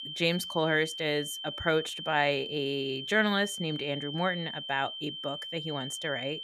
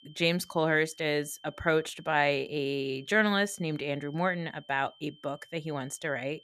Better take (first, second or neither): second